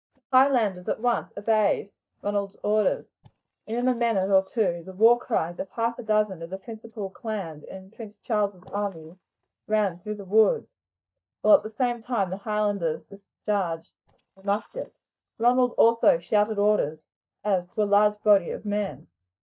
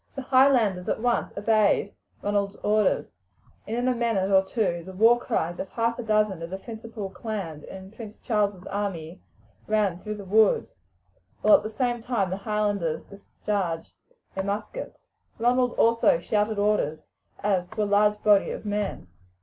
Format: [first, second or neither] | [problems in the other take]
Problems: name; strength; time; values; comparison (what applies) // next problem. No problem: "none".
second | noise reduction (neural mask model DeepFilterNet 3)